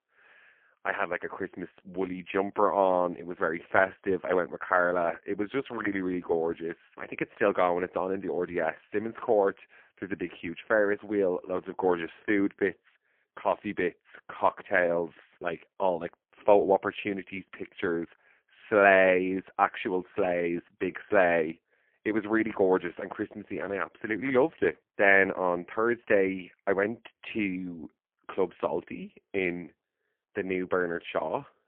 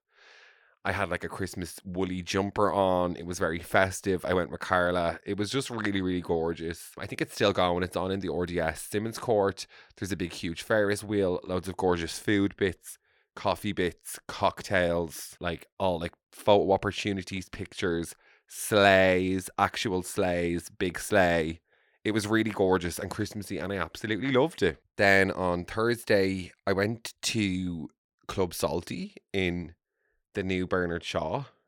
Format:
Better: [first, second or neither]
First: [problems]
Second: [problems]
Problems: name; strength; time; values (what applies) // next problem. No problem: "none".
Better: second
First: phone-call audio; poor line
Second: none